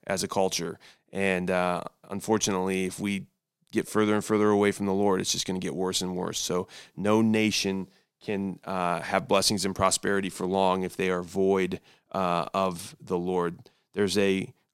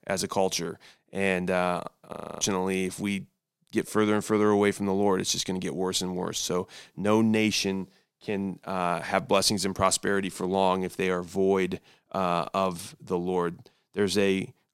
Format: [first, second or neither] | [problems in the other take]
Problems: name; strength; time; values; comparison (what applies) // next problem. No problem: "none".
first | audio freezing; at 2 s